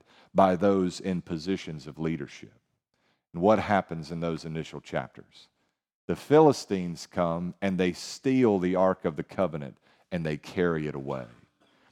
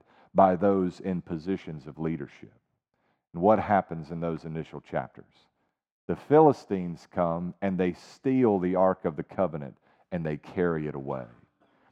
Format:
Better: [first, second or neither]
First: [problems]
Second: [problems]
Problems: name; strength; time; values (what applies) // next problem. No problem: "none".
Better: first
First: none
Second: muffled; slightly; fading above 3 kHz